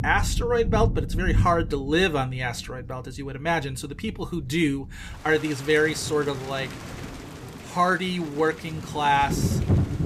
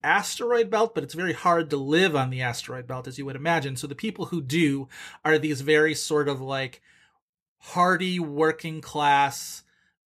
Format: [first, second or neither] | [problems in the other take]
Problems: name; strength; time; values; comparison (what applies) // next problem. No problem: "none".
second | rain or running water; loud; throughout; 5 dB below the speech